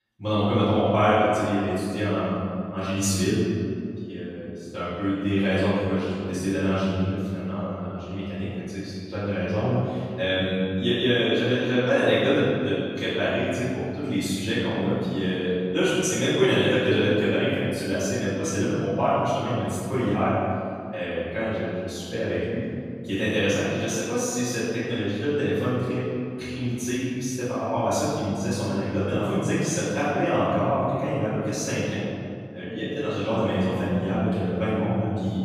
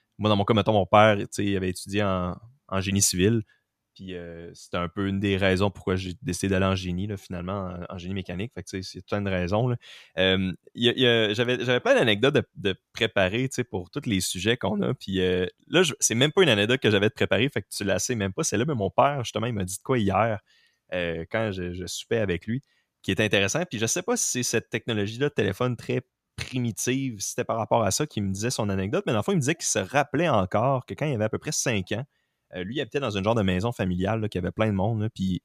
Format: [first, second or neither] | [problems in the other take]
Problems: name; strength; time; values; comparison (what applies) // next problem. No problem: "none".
second | off-mic speech; far // room echo; strong; dies away in 2.3 s